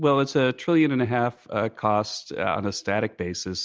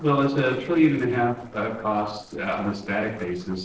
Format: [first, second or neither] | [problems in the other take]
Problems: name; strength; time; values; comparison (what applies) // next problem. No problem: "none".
first | noise reduction (neural separator model SepFormer DNS4)